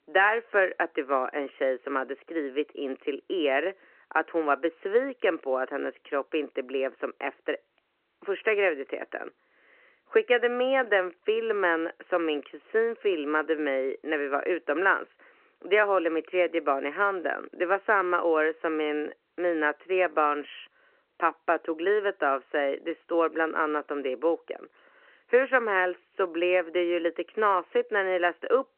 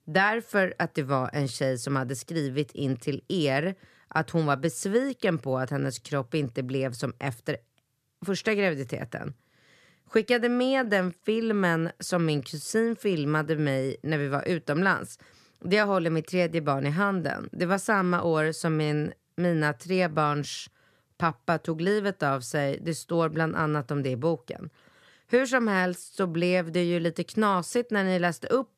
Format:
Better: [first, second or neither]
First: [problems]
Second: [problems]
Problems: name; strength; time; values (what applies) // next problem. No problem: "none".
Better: second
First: phone-call audio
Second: none